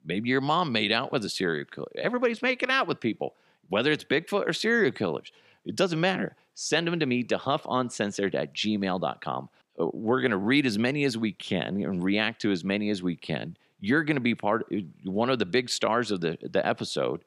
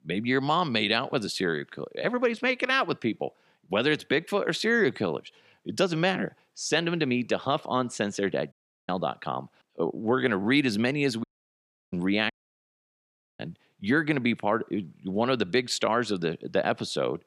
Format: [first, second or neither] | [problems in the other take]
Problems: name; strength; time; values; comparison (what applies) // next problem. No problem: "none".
first | audio cutting out; at 8.5 s, at 11 s for 0.5 s and at 12 s for 1 s